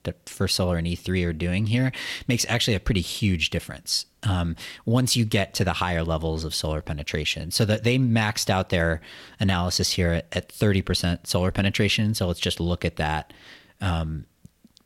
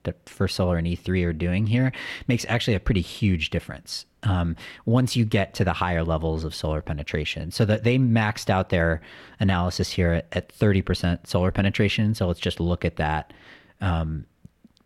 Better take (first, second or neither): first